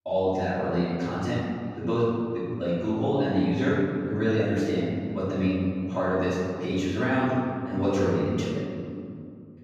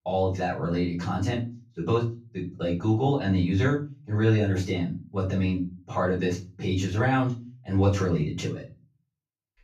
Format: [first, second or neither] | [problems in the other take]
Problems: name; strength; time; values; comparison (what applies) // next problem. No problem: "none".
second | room echo; strong; dies away in 2.4 s; slight in the second // off-mic speech; far; far in the second